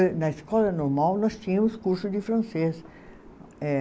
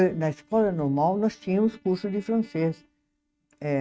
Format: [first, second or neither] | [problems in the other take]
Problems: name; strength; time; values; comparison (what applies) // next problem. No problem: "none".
first | noise reduction (neural mask model RNNoise)